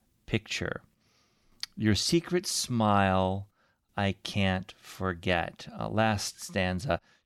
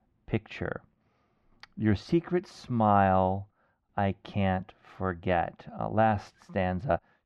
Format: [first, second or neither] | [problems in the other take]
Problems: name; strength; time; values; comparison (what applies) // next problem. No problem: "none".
first | muffled; very; fading above 4 kHz